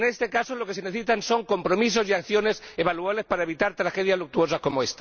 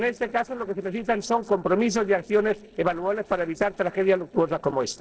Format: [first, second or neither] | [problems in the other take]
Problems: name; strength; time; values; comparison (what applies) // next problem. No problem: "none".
first | noise reduction (neural separator model SepFormer DNS4)